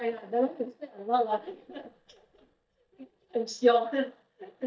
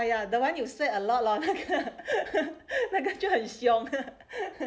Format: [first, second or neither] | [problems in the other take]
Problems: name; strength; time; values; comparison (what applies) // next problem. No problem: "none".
second | noise reduction (neural mask model DeepFilterNet 3)